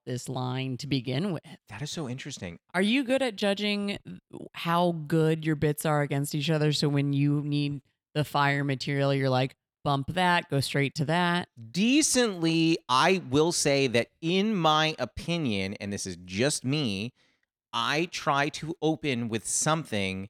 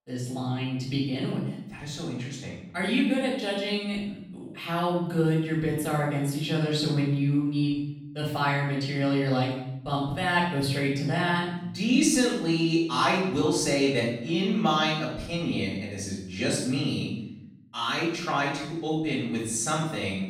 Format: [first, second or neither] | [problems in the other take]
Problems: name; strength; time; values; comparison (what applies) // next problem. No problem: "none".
first | off-mic speech; far // room echo; noticeable; dies away in 0.7 s